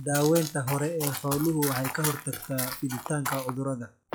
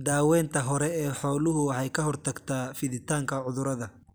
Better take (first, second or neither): second